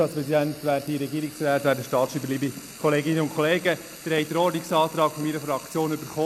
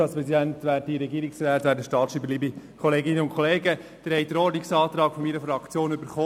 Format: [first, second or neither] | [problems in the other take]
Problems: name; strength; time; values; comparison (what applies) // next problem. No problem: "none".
second | background sound (Frying (food)); 18 dB below the speech